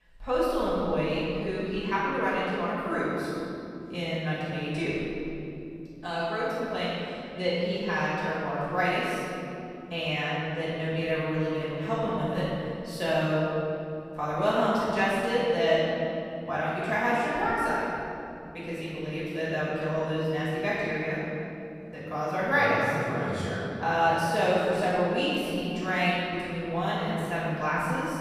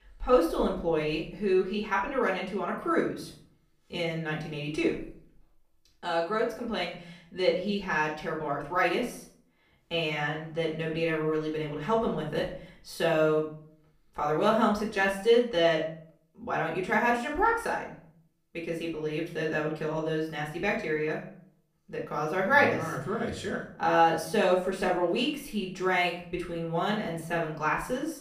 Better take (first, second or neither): second